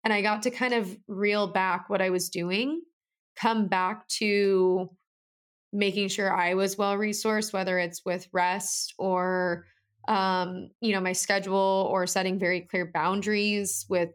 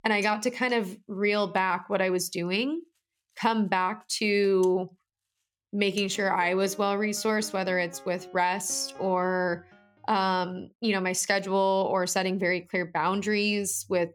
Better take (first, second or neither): first